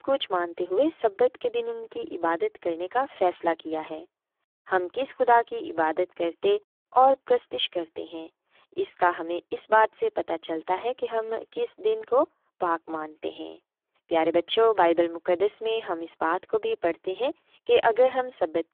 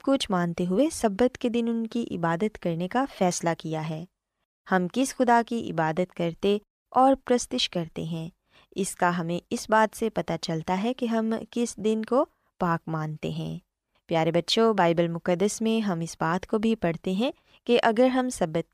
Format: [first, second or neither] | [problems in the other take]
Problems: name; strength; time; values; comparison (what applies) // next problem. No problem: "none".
second | phone-call audio; poor line; nothing above 3.5 kHz